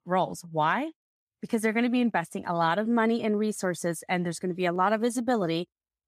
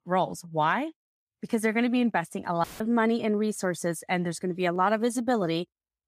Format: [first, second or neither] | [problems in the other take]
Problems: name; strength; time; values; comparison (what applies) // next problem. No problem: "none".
first | audio cutting out; filled with static; at 2.5 s